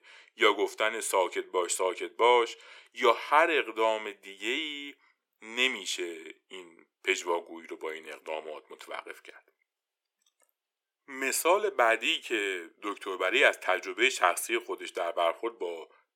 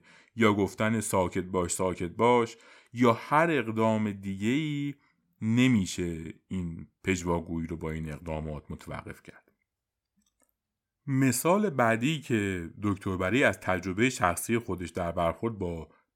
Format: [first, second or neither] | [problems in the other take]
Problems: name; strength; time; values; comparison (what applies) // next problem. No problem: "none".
second | thin; very; fading below 350 Hz